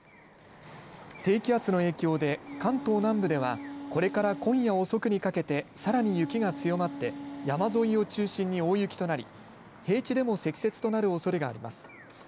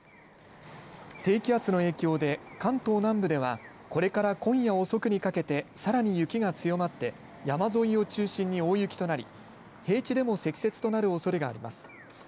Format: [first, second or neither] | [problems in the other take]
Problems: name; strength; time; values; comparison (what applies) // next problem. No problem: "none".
second | background sound (Wind instrument, woodwind instrument); 12 dB below the speech